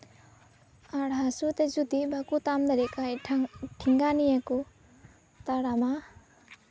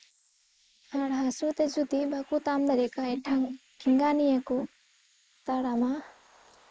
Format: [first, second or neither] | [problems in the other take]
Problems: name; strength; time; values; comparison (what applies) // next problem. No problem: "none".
first | noise reduction (neural mask model Resemble Enhance denoiser)